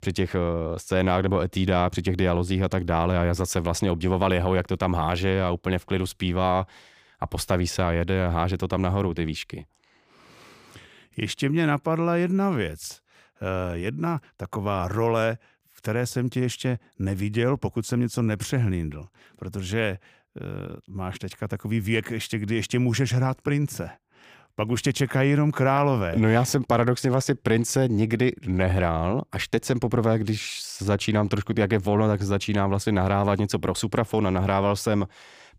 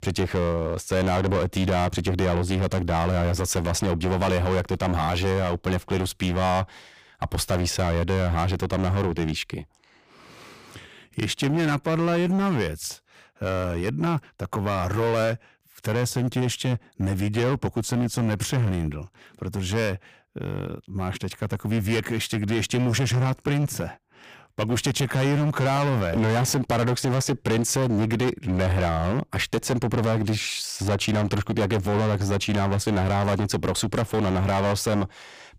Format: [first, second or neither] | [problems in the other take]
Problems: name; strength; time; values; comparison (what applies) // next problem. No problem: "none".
first | distortion; heavy; 17% of the sound clipped